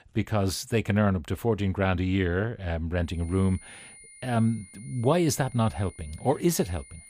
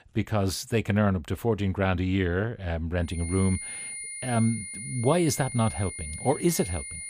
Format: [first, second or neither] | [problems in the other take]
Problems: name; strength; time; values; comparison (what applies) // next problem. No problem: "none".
first | high-pitched whine; loud; from 3 s on; 9.5 kHz, 8 dB below the speech; faint in the first